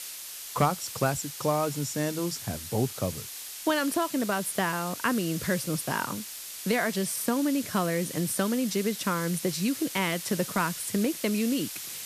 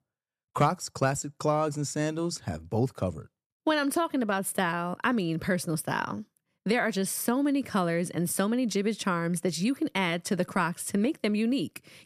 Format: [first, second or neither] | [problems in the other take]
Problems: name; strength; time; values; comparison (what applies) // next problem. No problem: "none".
second | hiss; loud; throughout; 8 dB below the speech